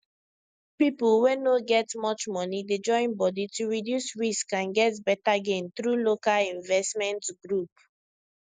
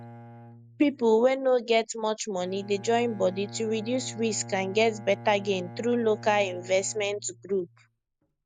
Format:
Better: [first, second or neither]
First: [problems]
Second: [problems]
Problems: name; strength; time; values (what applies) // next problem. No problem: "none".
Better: first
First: none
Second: background sound (Bowed string instrument); 17 dB below the speech